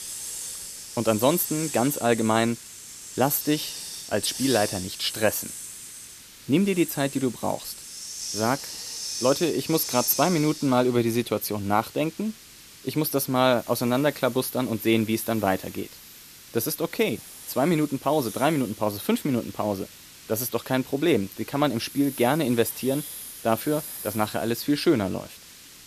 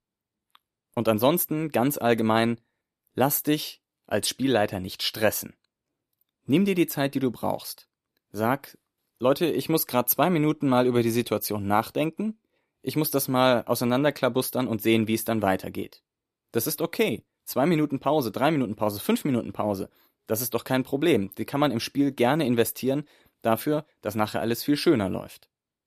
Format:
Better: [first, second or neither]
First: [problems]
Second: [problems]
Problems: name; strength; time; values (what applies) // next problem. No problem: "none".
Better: second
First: hiss; noticeable; throughout; 10 dB below the speech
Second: none